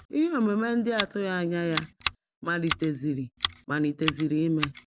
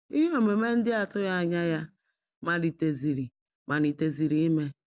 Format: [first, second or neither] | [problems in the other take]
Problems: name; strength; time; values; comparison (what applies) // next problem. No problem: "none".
second | background sound (Scissors); 9 dB below the speech